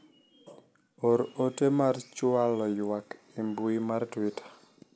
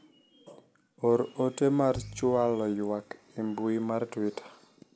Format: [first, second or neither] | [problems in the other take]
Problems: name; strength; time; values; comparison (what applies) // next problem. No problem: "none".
first | background sound (Piano); 17 dB below the speech